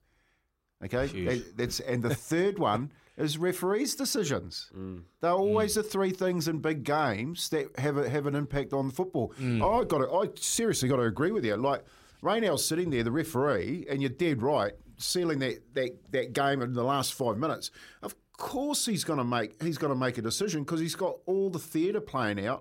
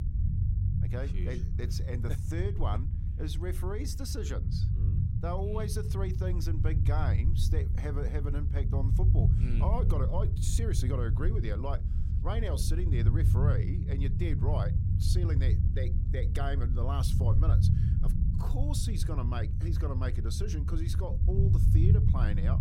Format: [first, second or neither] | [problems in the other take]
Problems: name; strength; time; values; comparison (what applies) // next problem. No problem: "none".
first | low rumble; loud; throughout; 4 dB below the speech